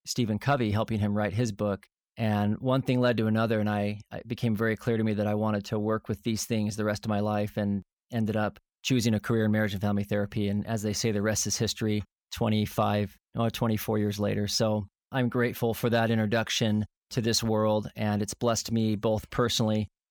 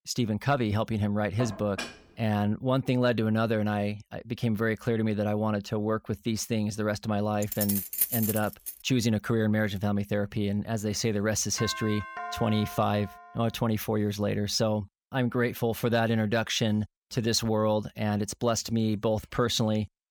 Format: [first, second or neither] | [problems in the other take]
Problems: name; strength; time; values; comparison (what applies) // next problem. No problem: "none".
first | clattering dishes; noticeable; at 1.5 s; peak 9 dB below the speech // jangling keys; loud; from 7.5 to 8.5 s; peak 2 dB above the speech // doorbell; noticeable; from 12 to 13 s; peak 8 dB below the speech